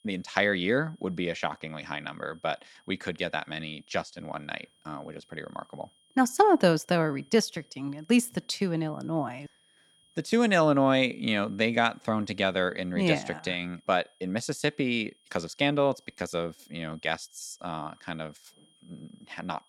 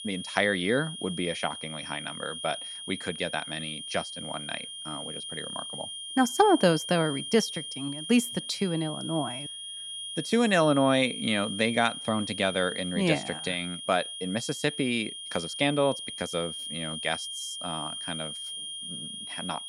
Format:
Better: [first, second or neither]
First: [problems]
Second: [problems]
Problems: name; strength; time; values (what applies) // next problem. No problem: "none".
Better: first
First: high-pitched whine; faint; throughout; 3 kHz, 35 dB below the speech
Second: high-pitched whine; loud; throughout; 3 kHz, 7 dB below the speech